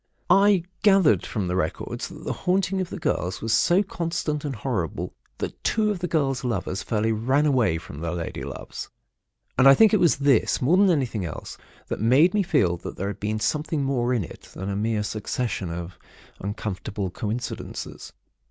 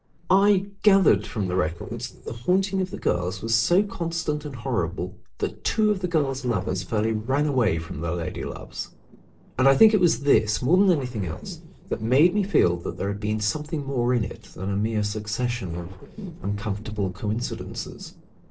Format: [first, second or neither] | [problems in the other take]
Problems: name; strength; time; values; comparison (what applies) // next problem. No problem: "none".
first | noise reduction (neural separator model SepFormer DNS4)